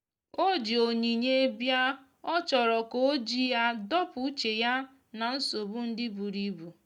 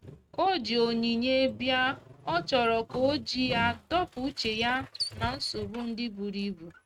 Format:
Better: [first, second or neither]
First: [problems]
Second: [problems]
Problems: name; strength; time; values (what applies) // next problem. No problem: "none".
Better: first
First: none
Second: noise reduction (neural mask model RNNoise)